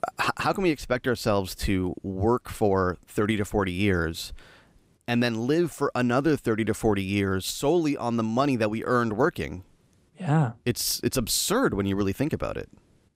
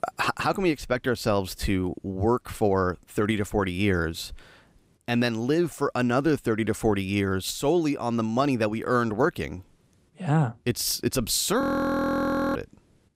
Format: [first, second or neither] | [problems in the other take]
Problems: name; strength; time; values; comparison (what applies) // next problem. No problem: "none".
first | audio freezing; at 12 s for 1 s